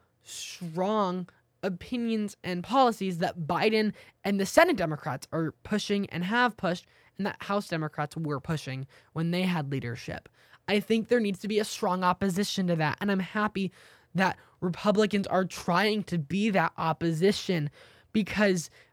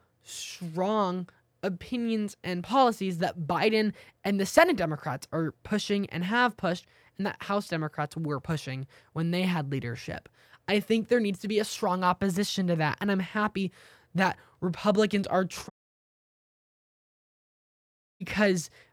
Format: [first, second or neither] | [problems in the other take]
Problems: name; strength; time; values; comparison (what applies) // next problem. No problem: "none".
first | audio cutting out; at 16 s for 2.5 s